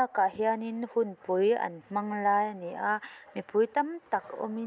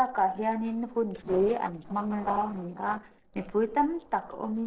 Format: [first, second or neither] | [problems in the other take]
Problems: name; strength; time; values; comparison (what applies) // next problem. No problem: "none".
first | noise reduction (neural separator model SepFormer DNS4)